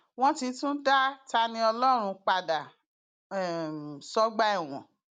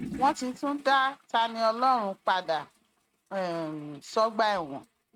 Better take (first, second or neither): first